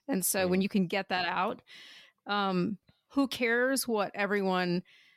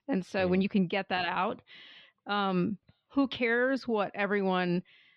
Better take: first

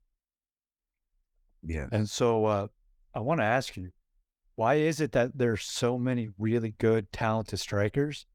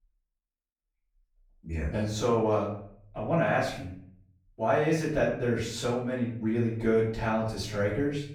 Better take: first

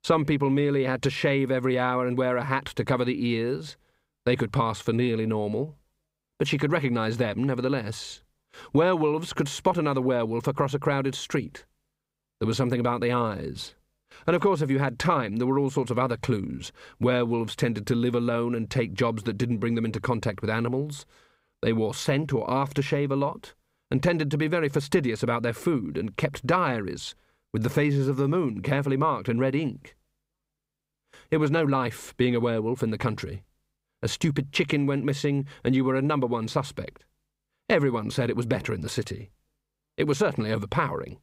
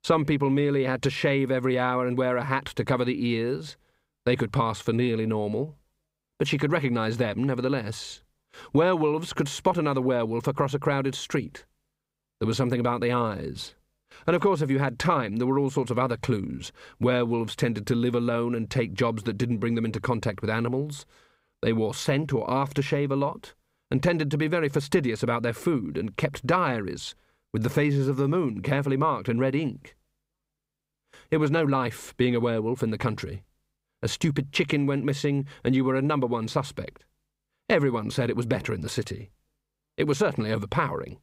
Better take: neither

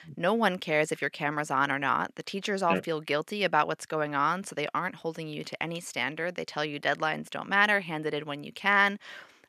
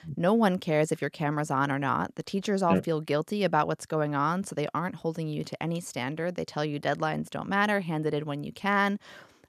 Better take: second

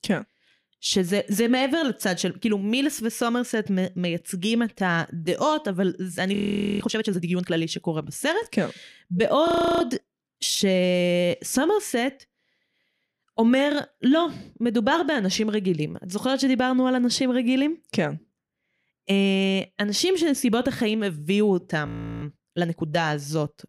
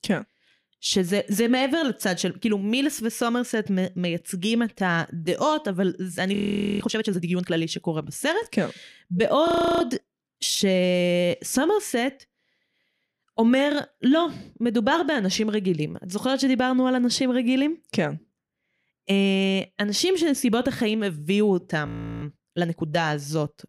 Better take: neither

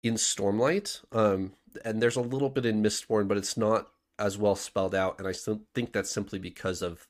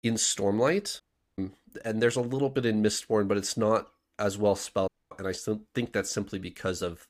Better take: first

